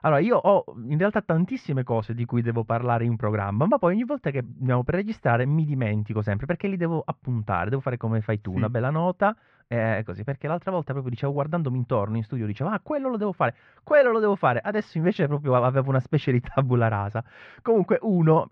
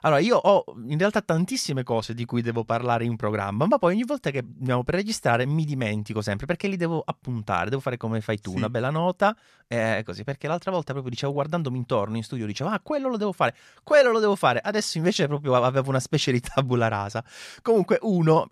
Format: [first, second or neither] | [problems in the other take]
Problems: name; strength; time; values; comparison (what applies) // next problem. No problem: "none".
second | muffled; very; fading above 2 kHz